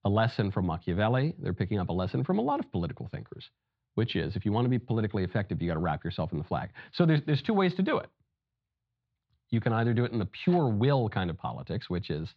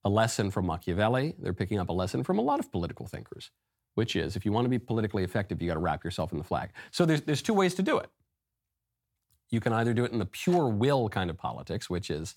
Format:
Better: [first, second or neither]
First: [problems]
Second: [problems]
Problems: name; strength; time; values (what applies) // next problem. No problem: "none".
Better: second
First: muffled; very slightly; fading above 4 kHz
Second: none